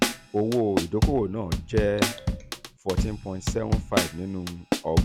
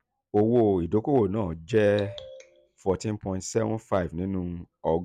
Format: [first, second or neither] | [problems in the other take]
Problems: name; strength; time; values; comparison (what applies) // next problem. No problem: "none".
second | background sound (Drum kit); 1 dB above the speech